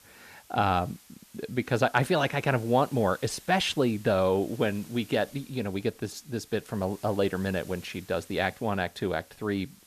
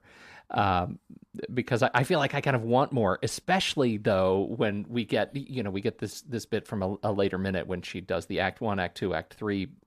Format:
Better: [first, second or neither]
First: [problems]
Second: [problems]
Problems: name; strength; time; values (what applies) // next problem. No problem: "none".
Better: second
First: hiss; faint; throughout; 25 dB below the speech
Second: none